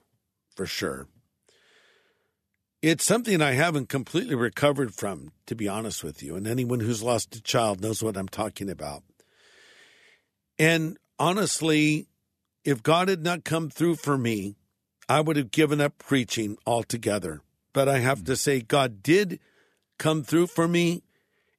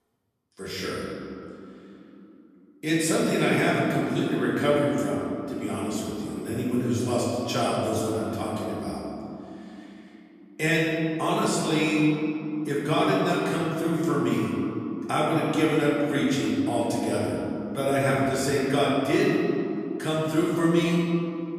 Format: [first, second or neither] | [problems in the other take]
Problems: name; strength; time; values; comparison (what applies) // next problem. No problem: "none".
first | room echo; strong; dies away in 3 s // off-mic speech; far